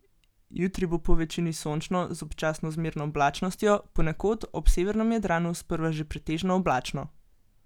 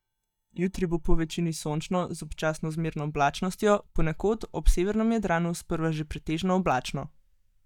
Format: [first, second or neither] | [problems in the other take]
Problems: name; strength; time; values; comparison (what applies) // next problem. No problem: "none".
first | noise reduction (neural mask model DeepFilterNet 3)